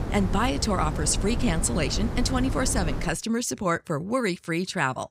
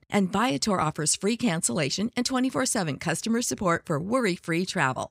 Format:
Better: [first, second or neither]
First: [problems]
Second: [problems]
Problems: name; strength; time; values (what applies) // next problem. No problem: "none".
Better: second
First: wind noise on the microphone; occasional gusts; until 3 s; 10 dB below the speech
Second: none